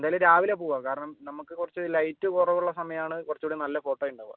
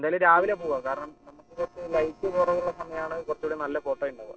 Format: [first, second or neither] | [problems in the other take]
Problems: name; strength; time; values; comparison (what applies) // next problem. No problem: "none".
first | noise reduction (neural separator model SepFormer DNS4)